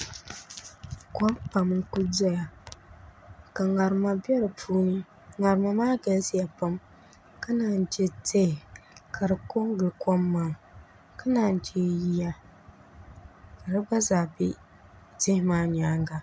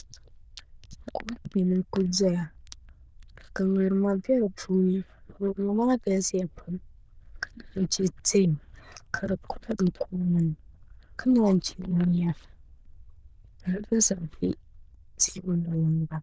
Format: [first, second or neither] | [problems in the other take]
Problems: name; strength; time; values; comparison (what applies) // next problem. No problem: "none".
first | noise reduction (neural diffusion model UNIVERSE++)